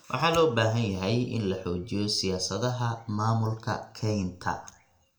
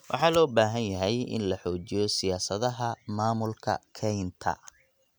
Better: second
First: room echo; dies away in 0.3 s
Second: none

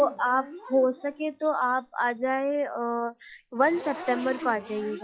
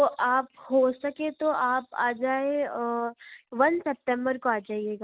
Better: second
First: noise reduction (classical method log-MMSE)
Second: none

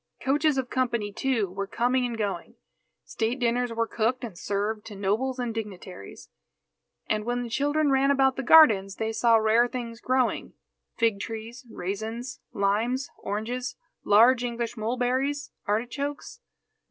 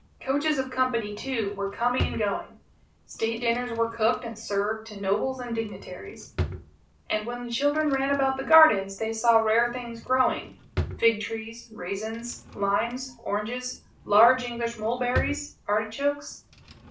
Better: first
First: none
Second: background sound (Drawer open or close); 13 dB below the speech // room echo; dies away in 0.3 s

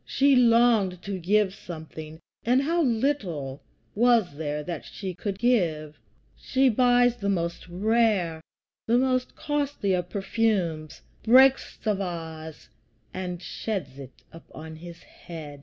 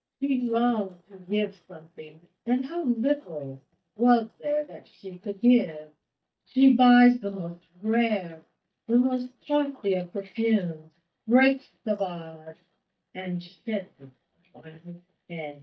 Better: first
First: none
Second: noise reduction (neural mask model DeepFilterNet 3)

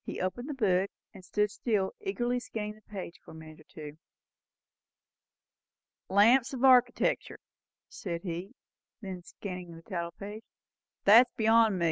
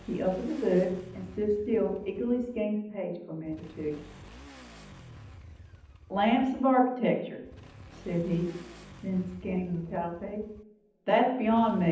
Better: first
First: none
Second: background sound (Motorcycle / Accelerating, revving, vroom); 20 dB below the speech // room echo; dies away in 0.8 s

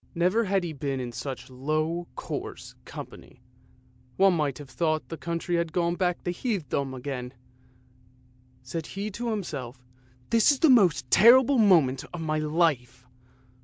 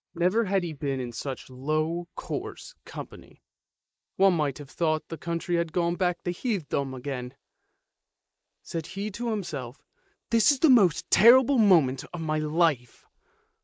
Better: first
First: none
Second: noise reduction (neural mask model Resemble Enhance denoiser)

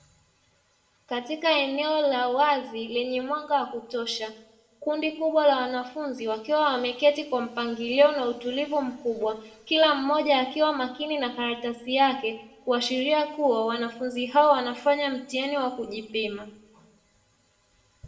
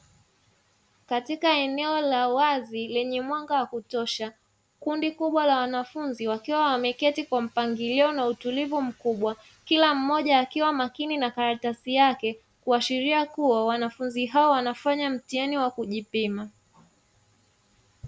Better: second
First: room echo; dies away in 0.6 s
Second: none

